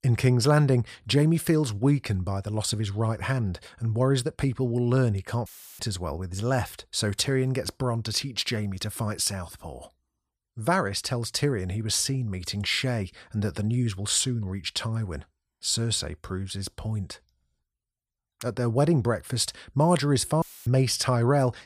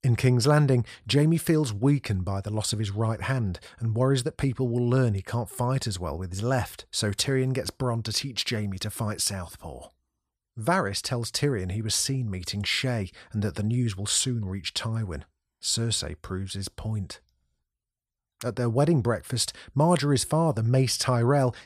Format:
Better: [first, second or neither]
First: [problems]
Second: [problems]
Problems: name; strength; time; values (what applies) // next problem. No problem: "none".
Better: second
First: audio cutting out; filled with static; at 5.5 s and at 20 s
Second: none